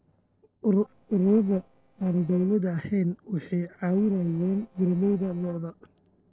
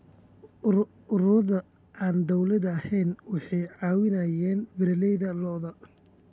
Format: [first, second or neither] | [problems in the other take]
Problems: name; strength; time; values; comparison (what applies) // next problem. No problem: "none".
second | noise reduction (neural separator model SepFormer DNS4)